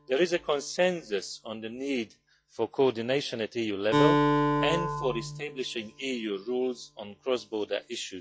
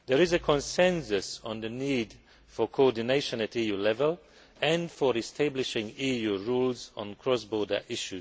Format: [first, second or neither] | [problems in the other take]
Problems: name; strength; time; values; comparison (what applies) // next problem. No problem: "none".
second | noise reduction (classical method log-MMSE)